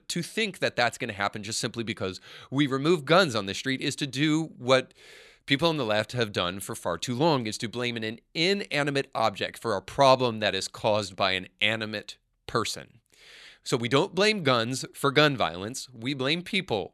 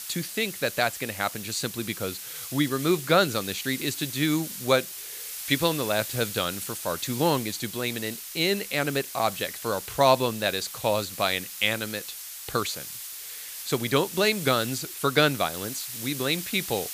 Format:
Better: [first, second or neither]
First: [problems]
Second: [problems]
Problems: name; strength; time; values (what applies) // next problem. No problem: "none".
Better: first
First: none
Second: hiss; loud; throughout; 8 dB below the speech